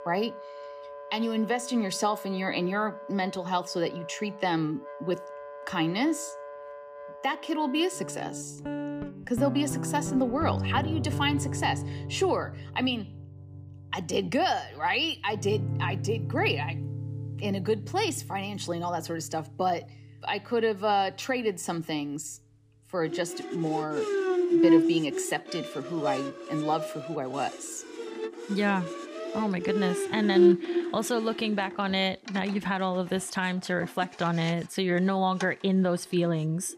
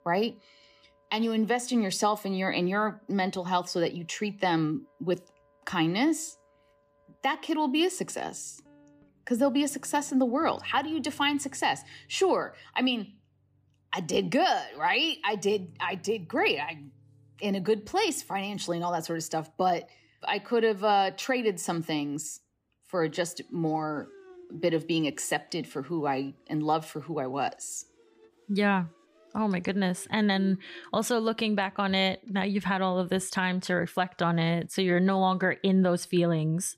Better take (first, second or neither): second